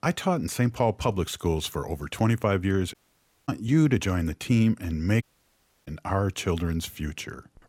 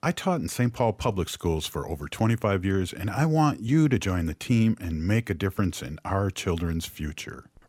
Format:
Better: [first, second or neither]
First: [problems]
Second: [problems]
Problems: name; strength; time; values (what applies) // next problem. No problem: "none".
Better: second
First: audio cutting out; at 3 s for 0.5 s and at 5 s for 0.5 s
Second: none